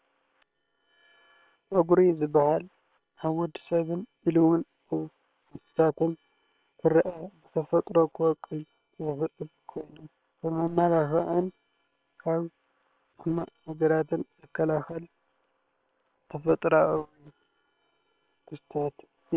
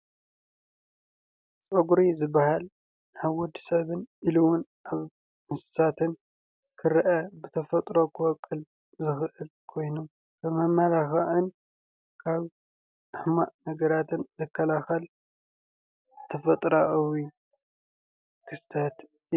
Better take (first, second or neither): second